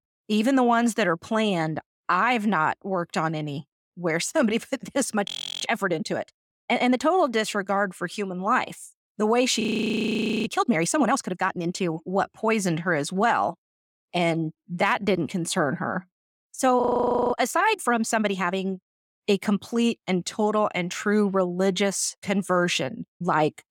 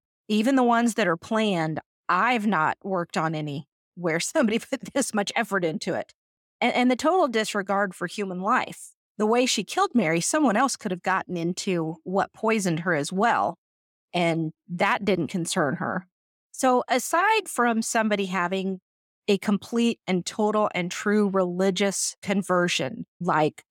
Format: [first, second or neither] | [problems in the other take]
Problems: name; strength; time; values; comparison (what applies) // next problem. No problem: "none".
second | audio freezing; at 5.5 s, at 9.5 s for 1 s and at 17 s for 0.5 s